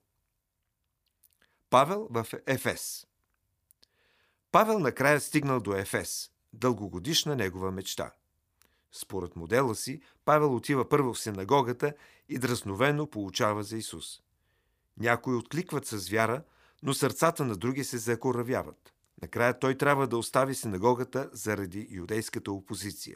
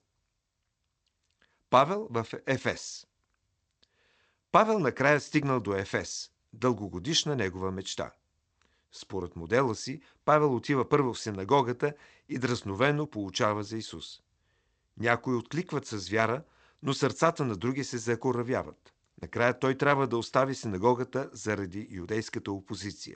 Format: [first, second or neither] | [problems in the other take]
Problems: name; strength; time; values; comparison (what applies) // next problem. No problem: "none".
first | garbled, watery; slightly; nothing above 8 kHz